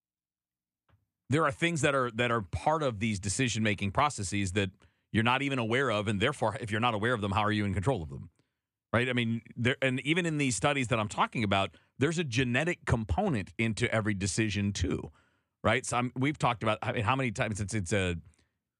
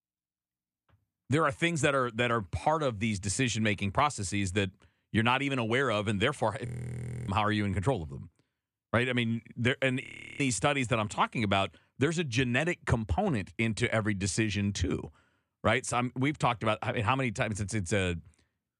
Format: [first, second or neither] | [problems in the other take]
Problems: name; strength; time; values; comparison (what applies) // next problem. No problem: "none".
first | audio freezing; at 6.5 s for 0.5 s and at 10 s